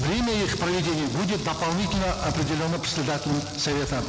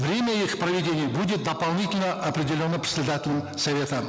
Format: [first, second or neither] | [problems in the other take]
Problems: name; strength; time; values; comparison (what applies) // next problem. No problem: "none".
second | background sound (Rain); 8 dB below the speech